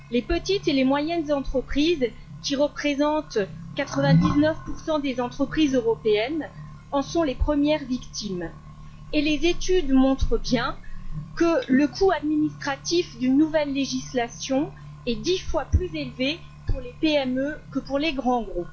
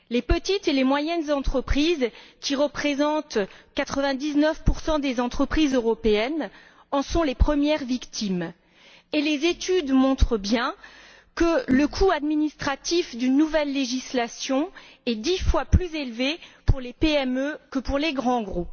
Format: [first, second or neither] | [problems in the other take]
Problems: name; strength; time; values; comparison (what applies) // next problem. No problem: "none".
second | noise reduction (classical method log-MMSE)